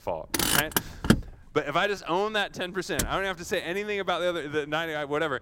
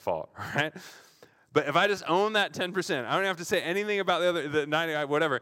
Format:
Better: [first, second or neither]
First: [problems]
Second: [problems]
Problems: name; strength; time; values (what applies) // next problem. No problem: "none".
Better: second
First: traffic noise; very loud; throughout; 2 dB above the speech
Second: none